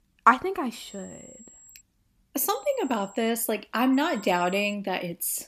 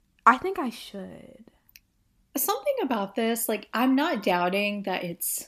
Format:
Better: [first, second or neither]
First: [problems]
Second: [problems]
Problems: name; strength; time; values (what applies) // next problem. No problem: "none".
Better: second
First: high-pitched whine; faint; from 0.5 to 2 s, at 2.5 s and at 4 s; 7.5 kHz, 25 dB below the speech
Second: none